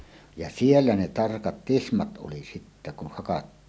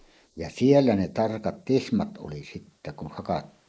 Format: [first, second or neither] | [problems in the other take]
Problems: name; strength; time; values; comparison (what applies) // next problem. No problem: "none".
first | noise reduction (neural mask model Resemble Enhance denoiser)